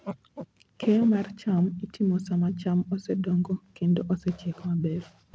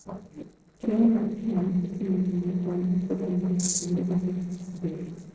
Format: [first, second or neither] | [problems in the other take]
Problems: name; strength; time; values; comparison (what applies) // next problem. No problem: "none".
first | noise reduction (neural separator model SepFormer DNS4)